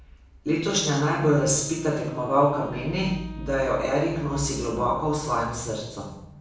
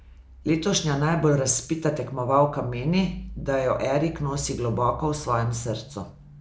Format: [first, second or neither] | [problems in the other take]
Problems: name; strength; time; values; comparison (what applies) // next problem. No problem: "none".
second | background sound (Wind instrument, woodwind instrument); 19 dB below the speech // room echo; dies away in 0.7 s